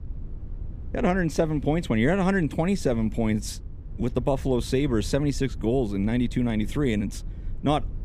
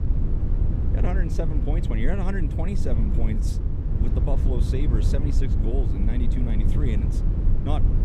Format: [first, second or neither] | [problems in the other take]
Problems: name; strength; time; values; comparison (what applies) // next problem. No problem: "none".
first | low rumble; loud; throughout; 3 dB below the speech; faint in the first